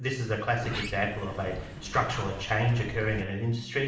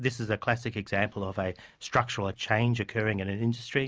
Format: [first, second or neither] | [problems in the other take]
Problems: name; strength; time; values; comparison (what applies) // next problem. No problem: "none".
second | background sound (Sliding door); 11 dB below the speech // room echo; dies away in 0.7 s